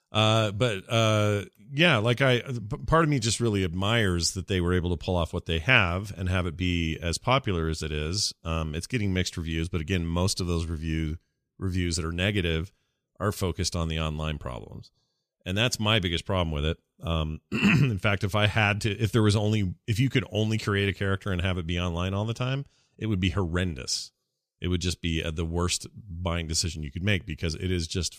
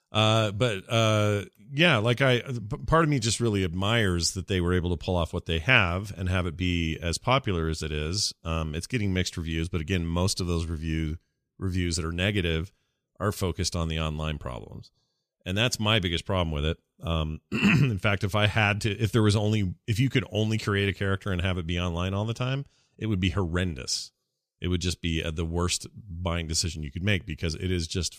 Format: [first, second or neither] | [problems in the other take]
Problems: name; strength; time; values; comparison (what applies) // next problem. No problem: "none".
neither | none